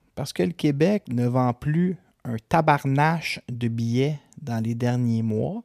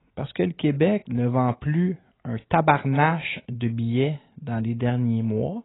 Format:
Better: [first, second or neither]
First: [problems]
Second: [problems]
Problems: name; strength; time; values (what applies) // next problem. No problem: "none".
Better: first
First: none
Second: garbled, watery; badly; nothing above 4 kHz